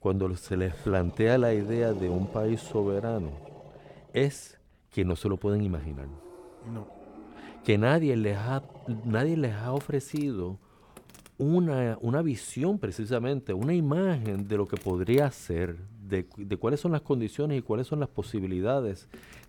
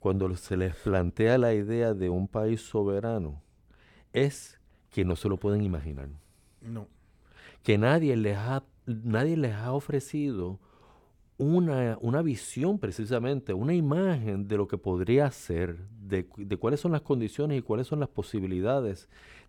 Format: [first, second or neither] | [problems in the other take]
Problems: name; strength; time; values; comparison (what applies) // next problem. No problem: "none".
second | animal sounds; noticeable; throughout; 20 dB below the speech